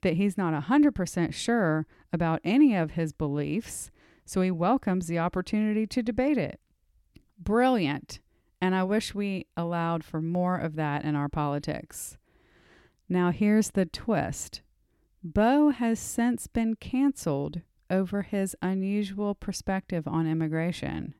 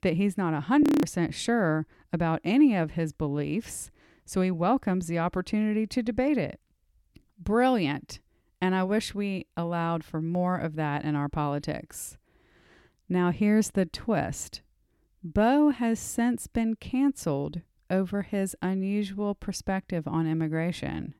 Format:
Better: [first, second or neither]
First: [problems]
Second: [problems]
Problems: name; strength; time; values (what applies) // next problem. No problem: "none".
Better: first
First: none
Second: audio freezing; at 1 s